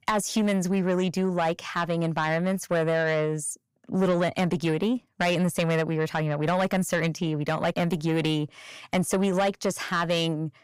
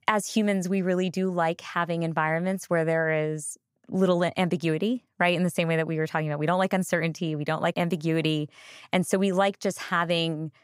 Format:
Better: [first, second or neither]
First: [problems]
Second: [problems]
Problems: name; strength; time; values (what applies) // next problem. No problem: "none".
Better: second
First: distortion; slight; 10 dB below the speech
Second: none